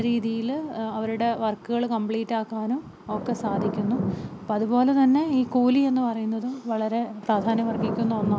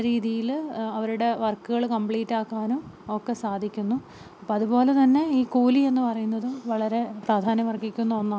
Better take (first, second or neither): second